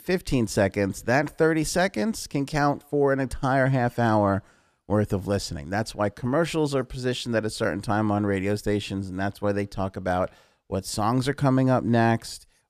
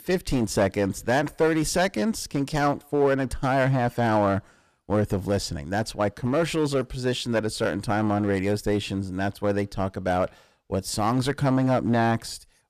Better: first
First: none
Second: distortion; slight; 5% of the sound clipped

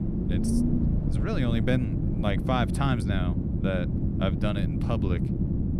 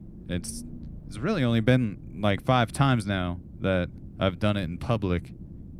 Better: second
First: low rumble; loud; throughout; 4 dB below the speech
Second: low rumble; faint; throughout; 25 dB below the speech

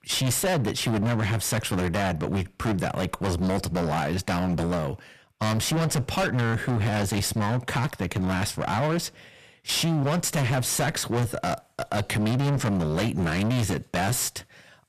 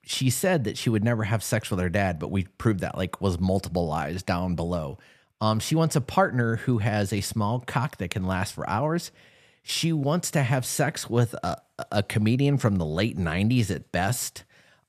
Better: second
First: distortion; heavy; 32% of the sound clipped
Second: none

